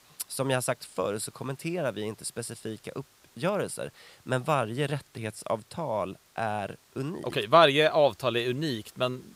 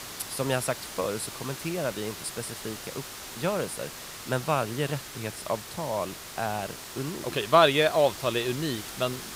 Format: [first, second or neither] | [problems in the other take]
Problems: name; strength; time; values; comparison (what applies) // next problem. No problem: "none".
first | hiss; loud; throughout; 10 dB below the speech; faint in the first